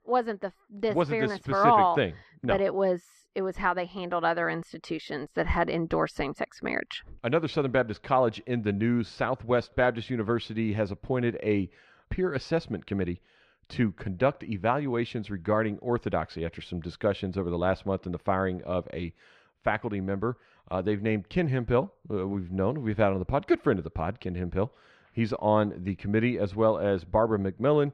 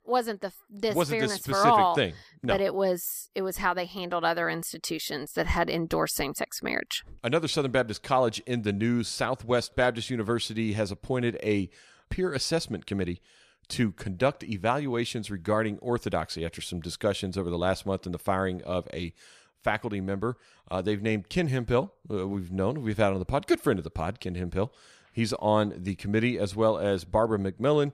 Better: second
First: muffled; slightly; fading above 2.5 kHz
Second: none

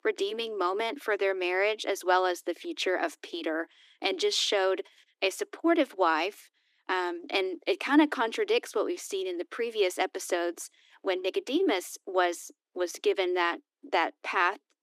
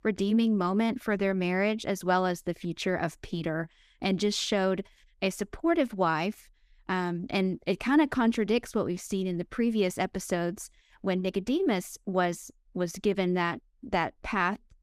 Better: second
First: thin; somewhat; fading below 300 Hz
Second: none

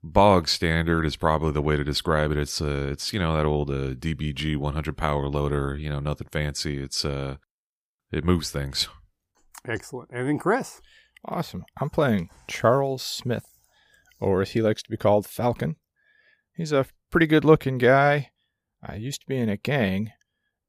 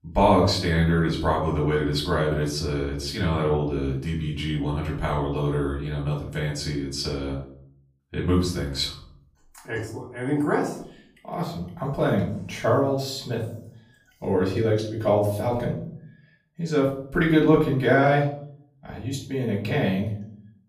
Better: first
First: none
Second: off-mic speech; far // room echo; slight; dies away in 0.6 s

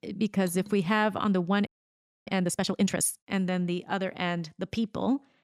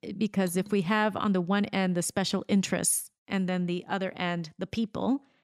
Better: second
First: audio freezing; at 1.5 s for 0.5 s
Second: none

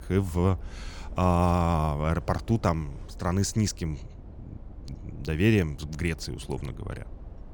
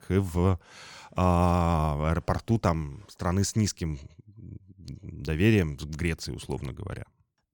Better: second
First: low rumble; faint; throughout; 25 dB below the speech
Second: none

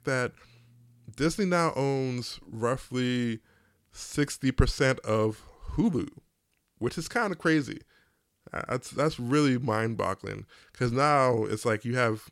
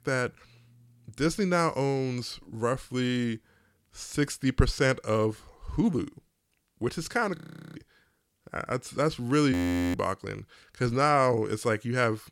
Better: first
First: none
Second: audio freezing; at 7.5 s and at 9.5 s

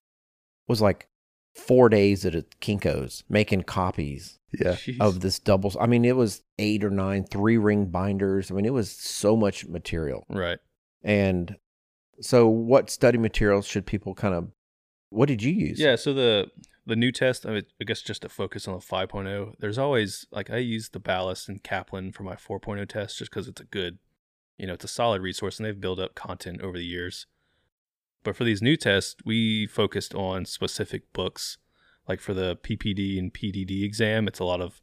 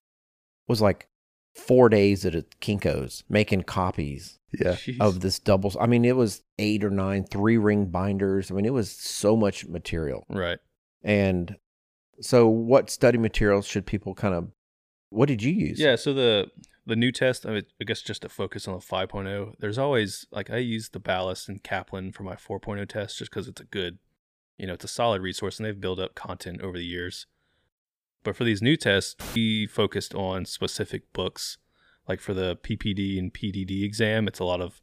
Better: first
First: none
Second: audio cutting out; filled with static; at 29 s

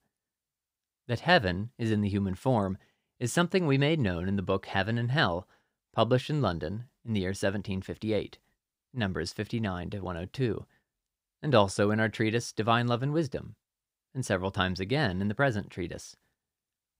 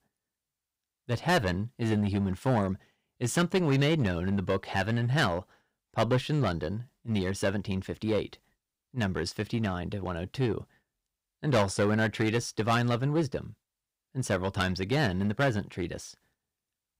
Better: first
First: none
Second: distortion; slight; 4% of the sound clipped

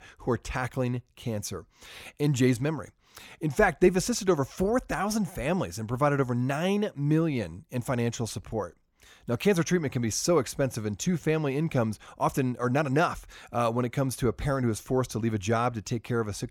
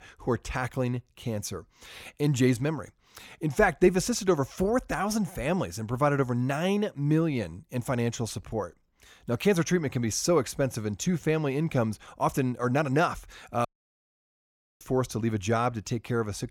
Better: first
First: none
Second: audio cutting out; at 14 s for 1 s

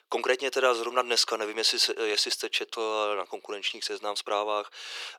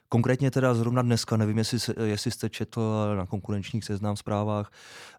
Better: second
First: thin; very; fading below 350 Hz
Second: none

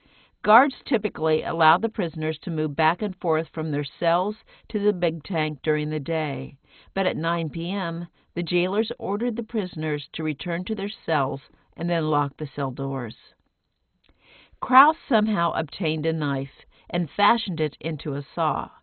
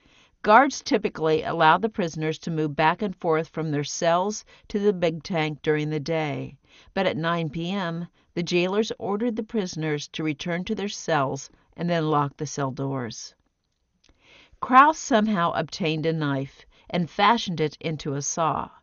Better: second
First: garbled, watery; badly; nothing above 4 kHz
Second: garbled, watery; slightly; nothing above 6.5 kHz

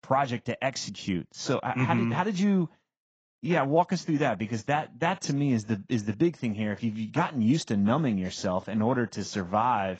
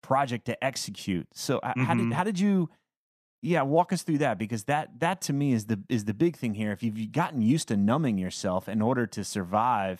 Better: second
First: garbled, watery; badly; nothing above 7.5 kHz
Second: none

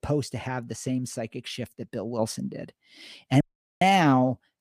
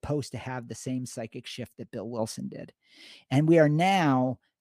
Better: second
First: audio cutting out; at 3.5 s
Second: none

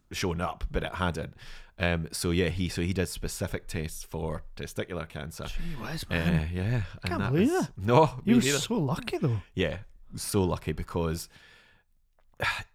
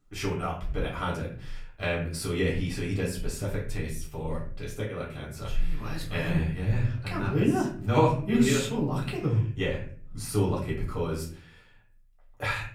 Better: first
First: none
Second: off-mic speech; far // room echo; slight; dies away in 0.4 s

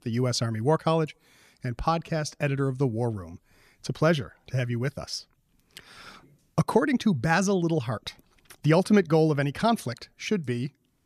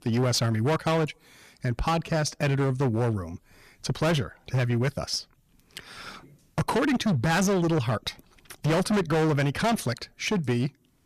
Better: first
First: none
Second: distortion; heavy; 17% of the sound clipped

